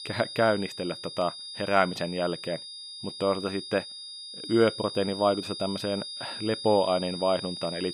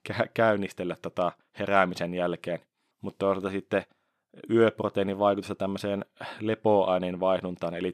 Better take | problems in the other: second | high-pitched whine; loud; throughout; 5 kHz, 9 dB below the speech

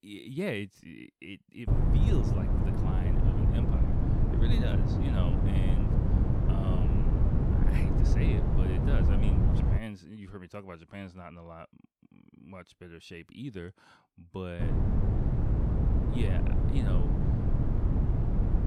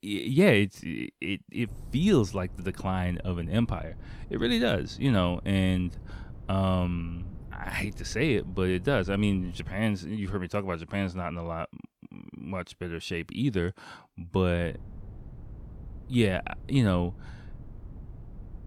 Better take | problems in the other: second | wind noise on the microphone; heavy; from 1.5 to 10 s and from 15 s on; 4 dB above the speech; occasional gusts in the second

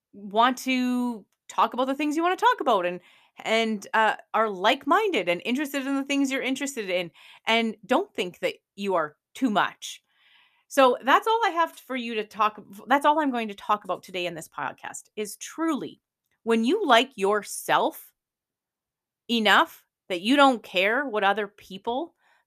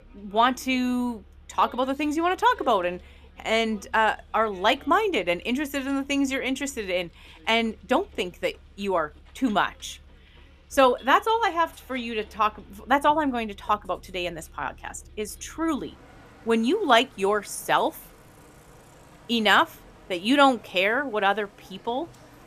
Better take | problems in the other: first | traffic noise; faint; throughout; 25 dB below the speech

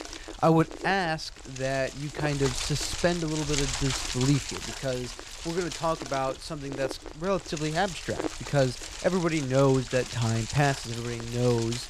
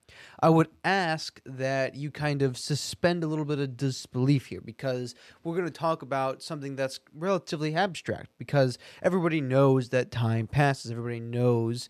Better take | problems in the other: second | wind noise on the microphone; heavy; 7 dB below the speech

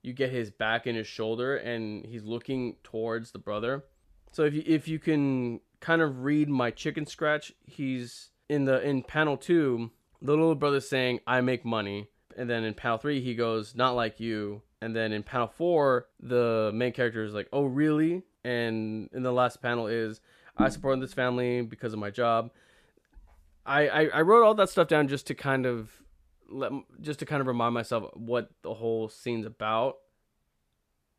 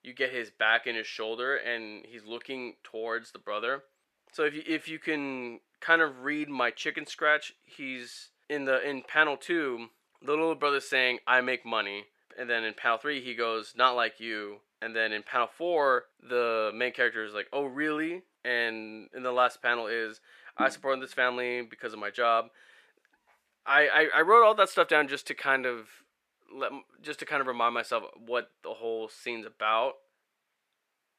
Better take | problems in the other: first | thin; somewhat; fading below 400 Hz

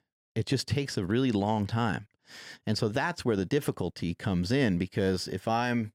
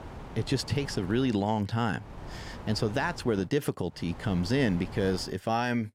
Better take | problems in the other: first | wind noise on the microphone; occasional gusts; until 1.5 s, from 2 to 3.5 s and from 4 to 5 s; 15 dB below the speech

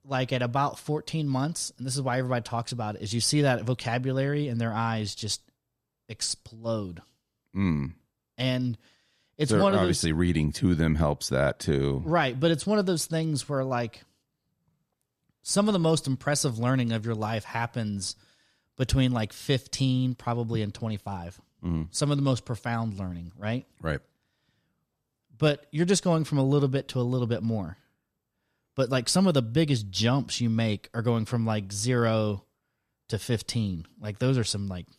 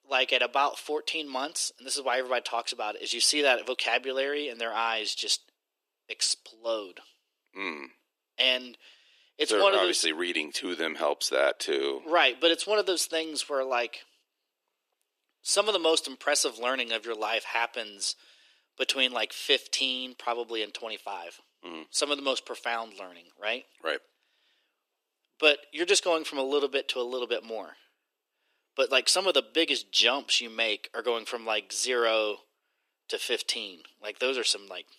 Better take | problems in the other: first | thin; very; fading below 350 Hz

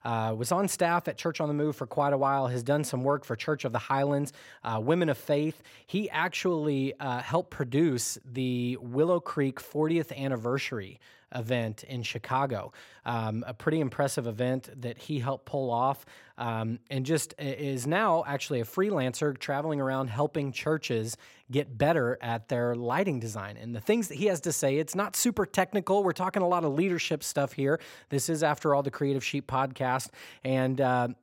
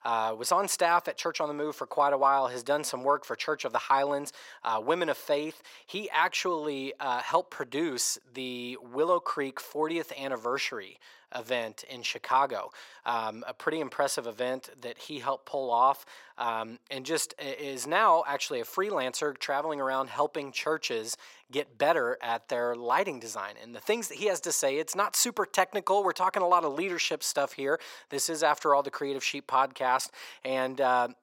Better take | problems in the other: first | thin; somewhat; fading below 450 Hz

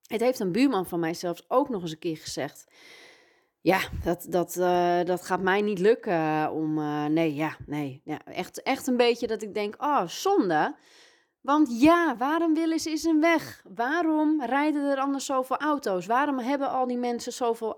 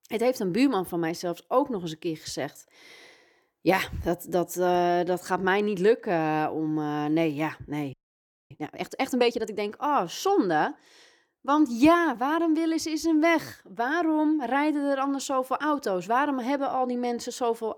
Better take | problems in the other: first | audio freezing; at 8 s for 0.5 s

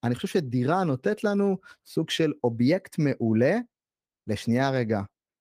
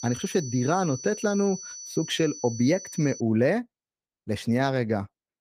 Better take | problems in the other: first | high-pitched whine; noticeable; until 3 s; 6 kHz, 10 dB below the speech

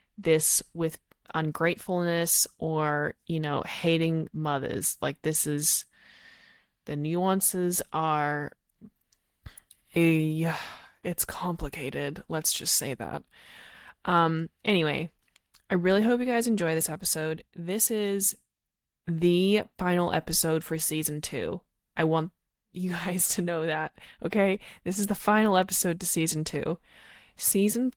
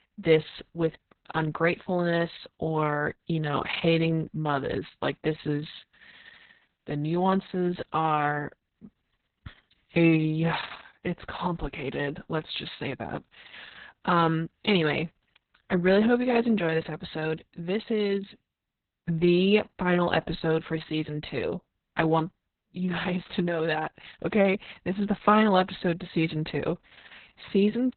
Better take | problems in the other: first | garbled, watery; badly; nothing above 4 kHz; slightly in the first

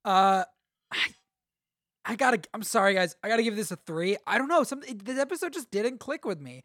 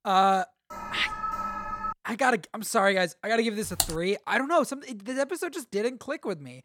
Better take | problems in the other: first | alarm; noticeable; from 0.5 to 2 s; peak 4 dB below the speech // keyboard typing; noticeable; at 4 s; peak 1 dB below the speech

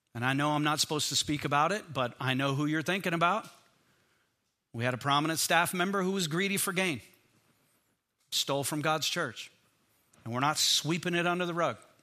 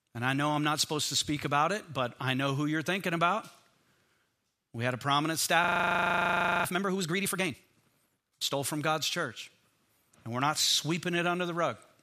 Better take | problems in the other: first | audio freezing; at 5.5 s for 1 s

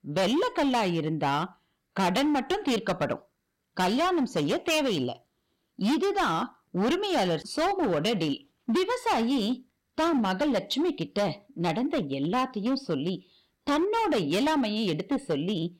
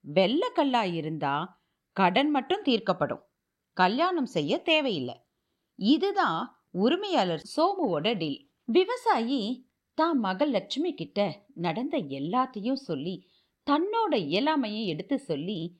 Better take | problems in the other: second | distortion; heavy; 17% of the sound clipped

